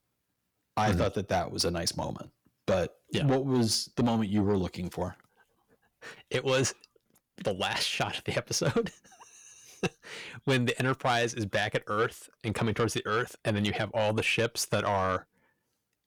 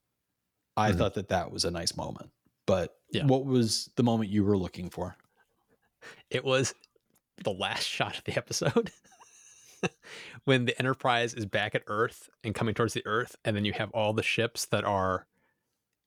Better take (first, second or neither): second